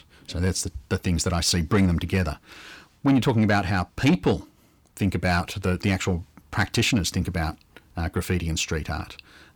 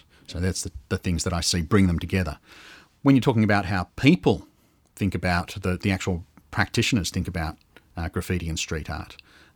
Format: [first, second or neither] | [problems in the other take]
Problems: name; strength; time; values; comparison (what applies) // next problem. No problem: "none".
second | distortion; slight; 10 dB below the speech